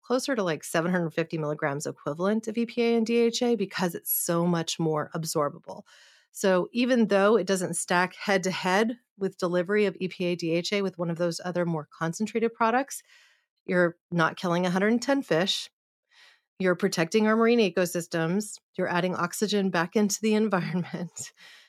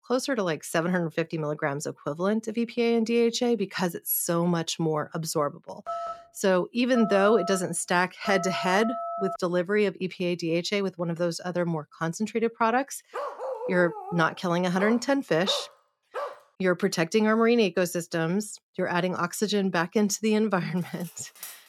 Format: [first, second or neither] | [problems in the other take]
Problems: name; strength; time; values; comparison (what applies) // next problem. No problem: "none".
first | phone ringing; noticeable; from 6 to 9.5 s; peak 6 dB below the speech // dog barking; noticeable; from 13 to 16 s; peak 7 dB below the speech // clattering dishes; faint; at 21 s; peak 15 dB below the speech